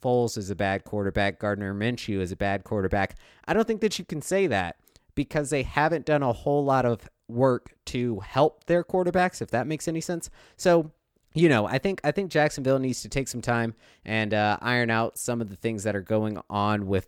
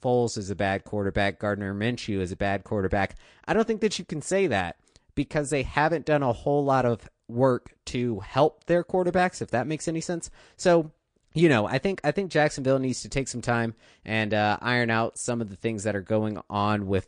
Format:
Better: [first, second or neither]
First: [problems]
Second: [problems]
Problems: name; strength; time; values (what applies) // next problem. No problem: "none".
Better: first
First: none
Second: garbled, watery; slightly; nothing above 9 kHz